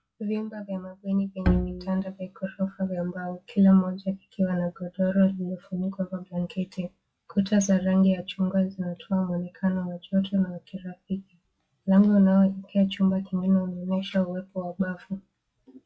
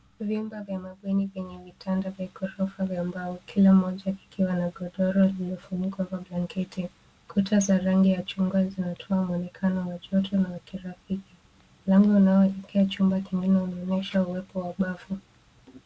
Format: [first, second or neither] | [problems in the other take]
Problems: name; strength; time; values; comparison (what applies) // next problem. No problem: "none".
second | noise reduction (classical method log-MMSE)